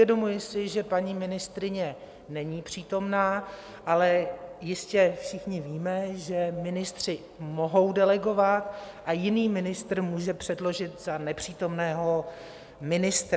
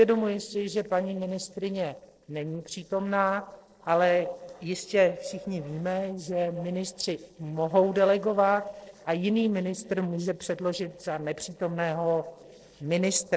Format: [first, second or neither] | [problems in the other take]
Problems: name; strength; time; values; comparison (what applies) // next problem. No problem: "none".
first | noise reduction (neural separator model SepFormer DNS4)